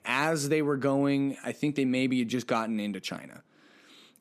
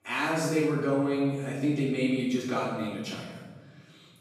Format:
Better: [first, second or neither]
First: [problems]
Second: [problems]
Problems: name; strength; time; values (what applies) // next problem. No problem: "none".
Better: first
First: none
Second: off-mic speech; far // room echo; noticeable; dies away in 1.5 s